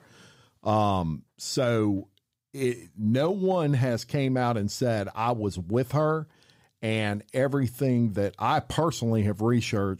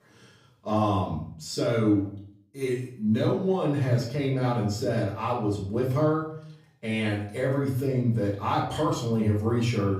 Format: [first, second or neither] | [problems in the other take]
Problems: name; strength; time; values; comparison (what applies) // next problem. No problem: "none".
first | off-mic speech; far // room echo; slight; dies away in 0.5 s